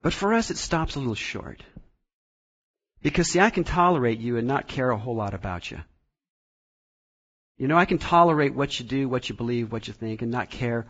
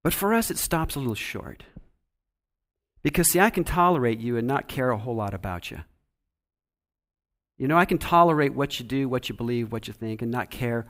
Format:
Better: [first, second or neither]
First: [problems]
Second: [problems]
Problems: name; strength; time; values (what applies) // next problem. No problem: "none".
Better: second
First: garbled, watery; badly; nothing above 7.5 kHz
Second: none